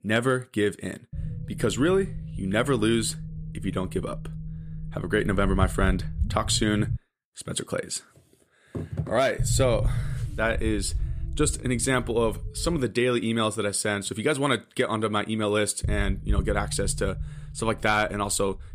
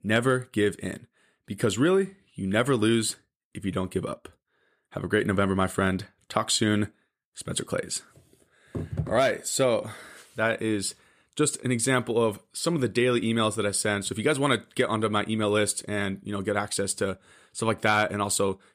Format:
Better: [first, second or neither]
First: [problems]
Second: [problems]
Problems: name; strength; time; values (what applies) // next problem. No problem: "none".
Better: second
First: low rumble; noticeable; from 1 to 7 s, from 9.5 to 13 s and from 16 s on; 20 dB below the speech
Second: none